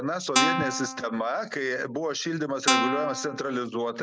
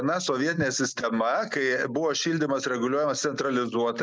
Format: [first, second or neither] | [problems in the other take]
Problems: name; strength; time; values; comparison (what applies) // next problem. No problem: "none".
second | background sound (Guitar); 2 dB above the speech